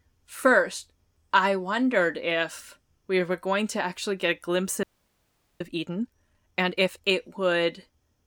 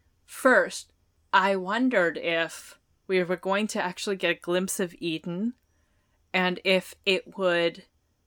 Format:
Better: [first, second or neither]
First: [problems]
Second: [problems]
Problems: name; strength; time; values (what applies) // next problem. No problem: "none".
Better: second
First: audio freezing; at 5 s for 1 s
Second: none